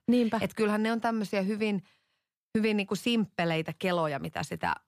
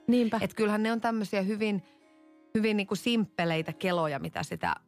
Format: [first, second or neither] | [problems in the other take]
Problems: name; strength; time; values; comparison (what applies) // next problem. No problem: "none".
first | background music; faint; throughout; 30 dB below the speech